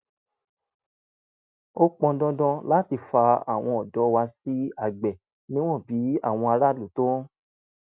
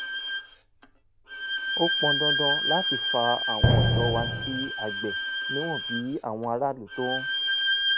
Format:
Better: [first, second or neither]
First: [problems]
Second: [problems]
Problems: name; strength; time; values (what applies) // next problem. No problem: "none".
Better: first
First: none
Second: background sound (Bowed string instrument + Drum); 4 dB above the speech